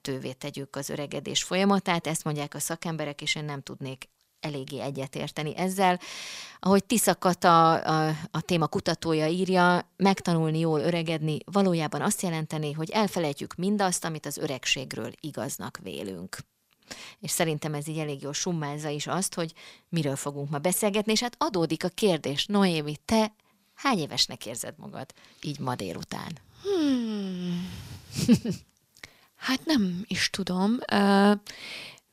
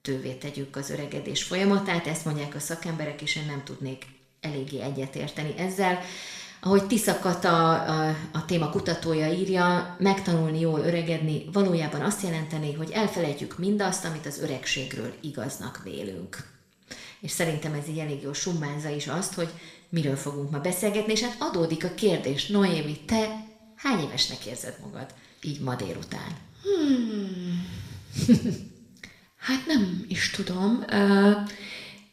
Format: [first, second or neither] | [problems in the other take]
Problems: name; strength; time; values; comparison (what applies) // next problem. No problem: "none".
first | room echo; slight; dies away in 0.7 s